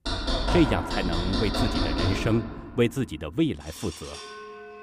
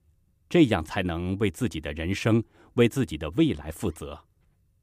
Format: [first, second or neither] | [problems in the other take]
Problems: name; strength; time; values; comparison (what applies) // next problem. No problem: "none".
second | household noises; loud; throughout; 2 dB below the speech